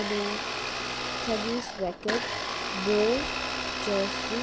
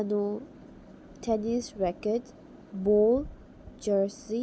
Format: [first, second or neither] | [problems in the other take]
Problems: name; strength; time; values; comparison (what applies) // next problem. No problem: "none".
second | background sound (Domestic sounds, home sounds); as loud as the speech